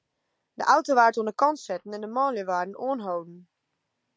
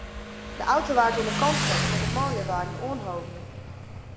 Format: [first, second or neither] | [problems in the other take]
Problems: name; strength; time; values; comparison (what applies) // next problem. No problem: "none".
first | background sound (Motorcycle); 2 dB below the speech // room echo; dies away in 2 s